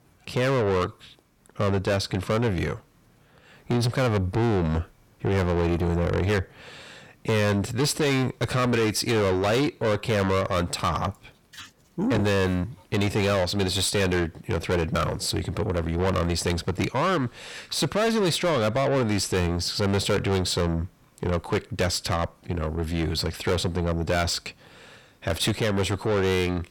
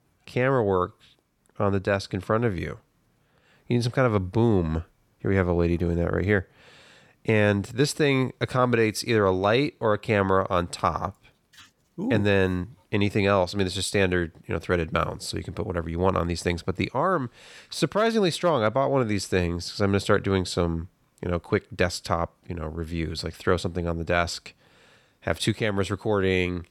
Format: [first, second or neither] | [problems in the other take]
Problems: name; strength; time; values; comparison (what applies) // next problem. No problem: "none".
second | distortion; heavy; 6 dB below the speech